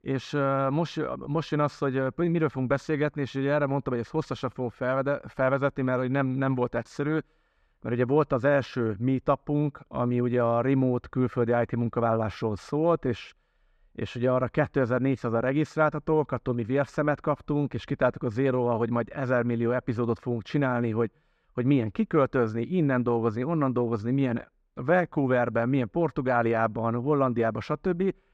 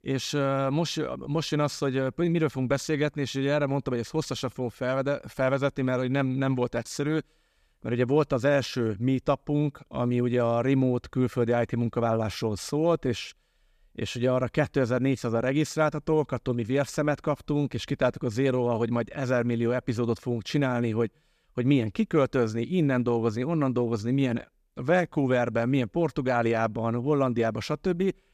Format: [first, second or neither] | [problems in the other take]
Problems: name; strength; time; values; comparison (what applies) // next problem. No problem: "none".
second | muffled; slightly; fading above 1.5 kHz